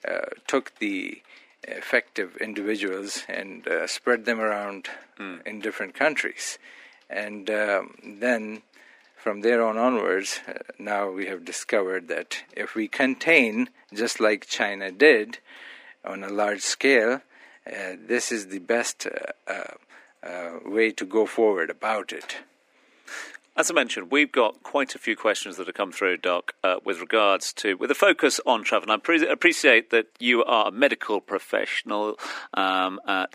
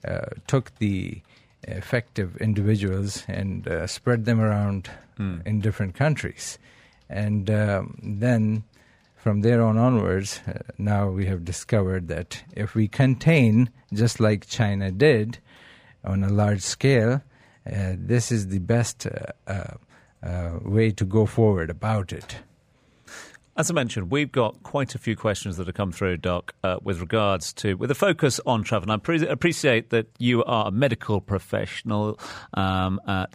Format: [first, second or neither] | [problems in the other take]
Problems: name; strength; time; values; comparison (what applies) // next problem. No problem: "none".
second | thin; somewhat; fading below 300 Hz